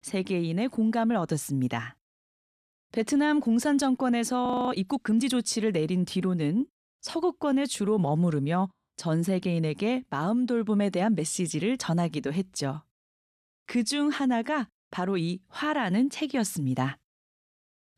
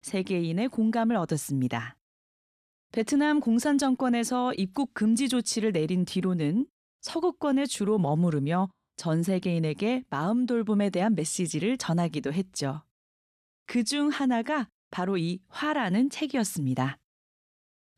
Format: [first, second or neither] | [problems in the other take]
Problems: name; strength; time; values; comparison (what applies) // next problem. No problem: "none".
second | audio freezing; at 4.5 s